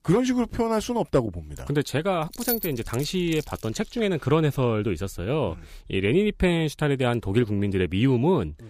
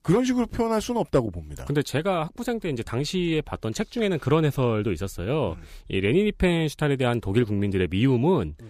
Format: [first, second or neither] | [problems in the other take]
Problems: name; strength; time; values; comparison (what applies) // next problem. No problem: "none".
second | jangling keys; noticeable; from 2 to 4 s; peak 3 dB below the speech